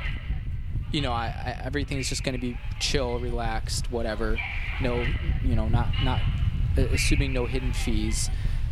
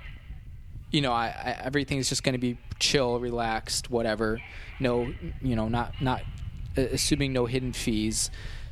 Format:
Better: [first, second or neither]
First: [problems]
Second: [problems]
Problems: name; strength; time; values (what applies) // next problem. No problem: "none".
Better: second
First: wind noise on the microphone; heavy; 4 dB below the speech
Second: wind noise on the microphone; occasional gusts; 20 dB below the speech